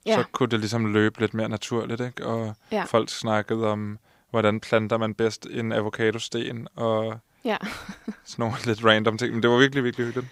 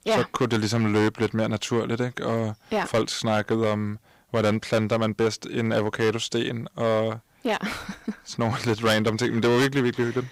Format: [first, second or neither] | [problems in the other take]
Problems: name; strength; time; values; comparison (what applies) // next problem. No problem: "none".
first | distortion; heavy; 8% of the sound clipped